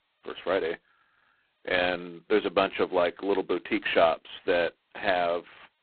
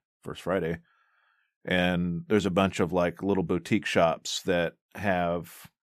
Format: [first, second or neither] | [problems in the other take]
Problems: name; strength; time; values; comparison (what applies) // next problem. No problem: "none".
second | phone-call audio; poor line; nothing above 4 kHz